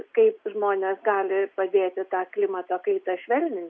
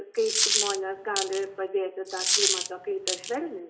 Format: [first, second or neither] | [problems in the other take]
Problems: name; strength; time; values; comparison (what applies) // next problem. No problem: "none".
first | background sound (Coin (dropping)); 2 dB above the speech // room echo; dies away in 0.9 s